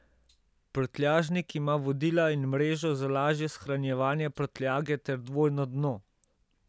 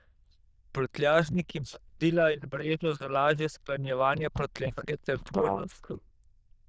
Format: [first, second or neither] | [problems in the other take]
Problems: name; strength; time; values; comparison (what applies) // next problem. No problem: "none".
first | noise reduction (neural diffusion model UNIVERSE++)